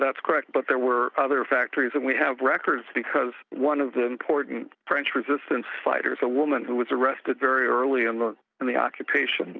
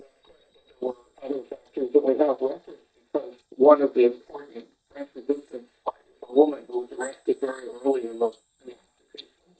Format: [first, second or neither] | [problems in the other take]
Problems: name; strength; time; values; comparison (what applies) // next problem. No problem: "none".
first | noise reduction (neural mask model DeepFilterNet 3)